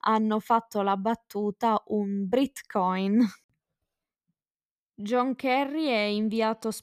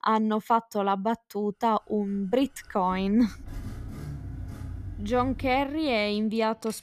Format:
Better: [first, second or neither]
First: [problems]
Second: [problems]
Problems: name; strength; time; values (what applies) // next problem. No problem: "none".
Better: first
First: none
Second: traffic noise; noticeable; from 2 s on; 15 dB below the speech